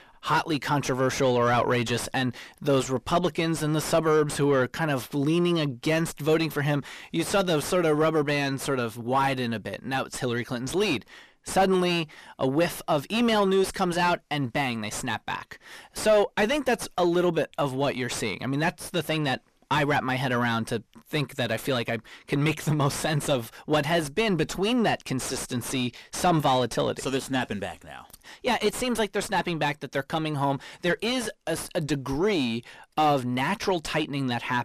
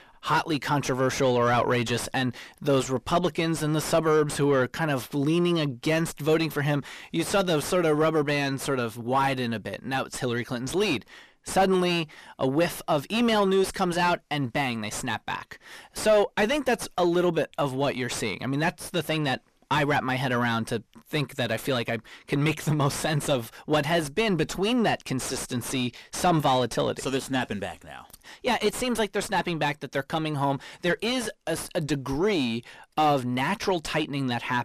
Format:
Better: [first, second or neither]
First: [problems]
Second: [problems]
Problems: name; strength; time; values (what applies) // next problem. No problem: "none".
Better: neither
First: distortion; heavy; 6 dB below the speech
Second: distortion; heavy; 6 dB below the speech